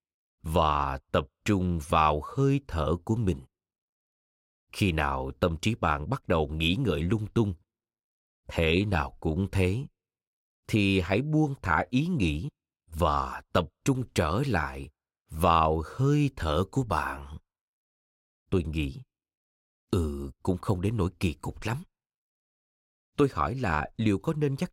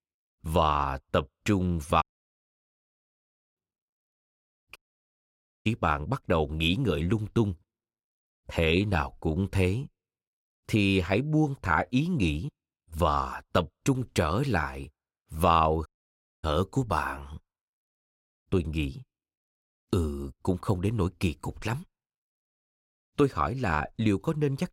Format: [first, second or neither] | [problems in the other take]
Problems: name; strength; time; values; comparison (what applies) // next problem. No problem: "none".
first | audio cutting out; at 2 s for 1.5 s, at 5 s for 1 s and at 16 s for 0.5 s